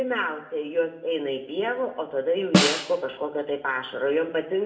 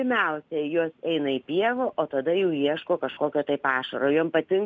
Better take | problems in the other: second | background sound (Snare drum); 1 dB above the speech // room echo; dies away in 0.9 s

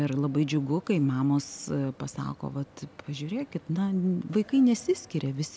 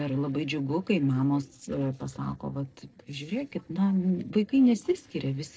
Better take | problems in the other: first | noise reduction (neural separator model SepFormer DNS4)

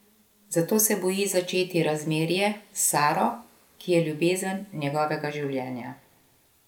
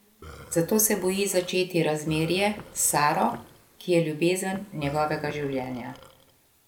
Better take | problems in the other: first | background sound (Burping, eructation + Walk, footsteps); 20 dB below the speech

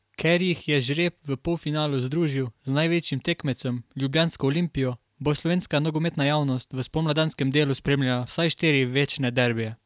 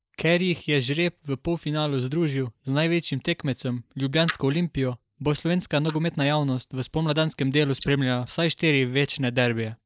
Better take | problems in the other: first | noise reduction (neural mask model Resemble Enhance denoiser)

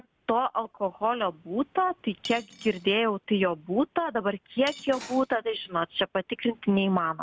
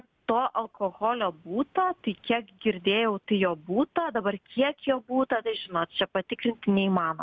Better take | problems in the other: second | background sound (Cutlery, silverware / Dishes, pots, and pans + Cutlery, silverware); 16 dB below the speech

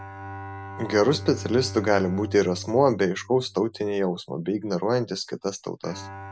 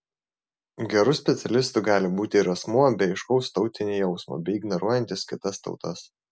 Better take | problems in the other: second | background sound (Bowed string instrument); 14 dB below the speech

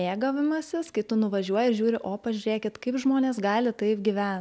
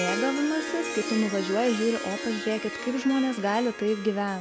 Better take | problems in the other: first | background sound (Harp); 7 dB below the speech

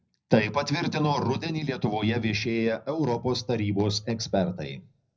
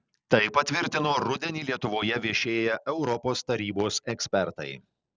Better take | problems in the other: second | room echo; dies away in 0.5 s

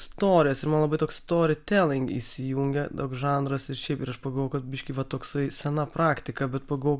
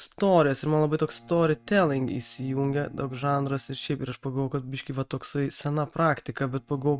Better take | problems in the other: first | noise reduction (neural mask model RNNoise)

